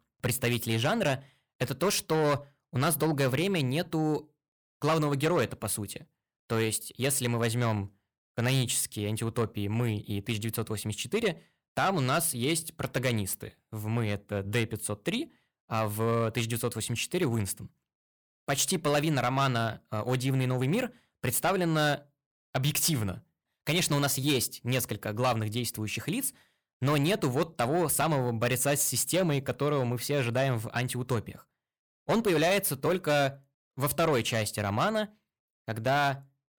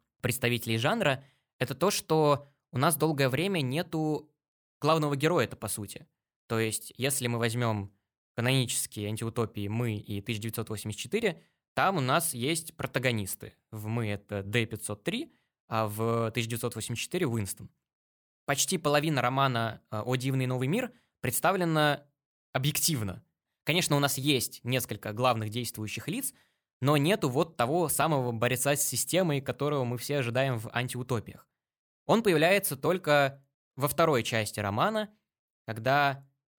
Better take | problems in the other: second | distortion; slight; 10 dB below the speech

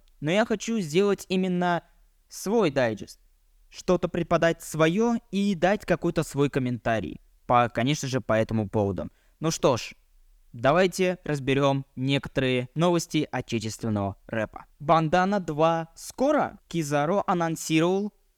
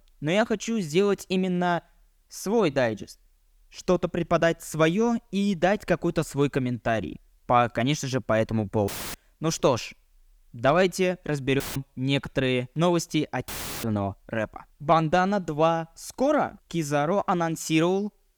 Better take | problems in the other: first | audio cutting out; filled with static; at 9 s, at 12 s and at 13 s

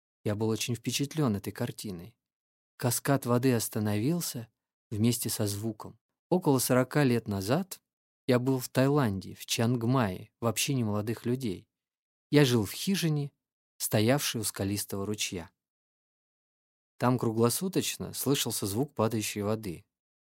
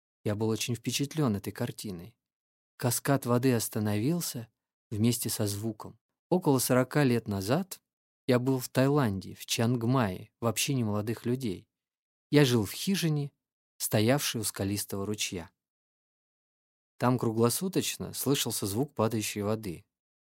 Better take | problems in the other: neither | none

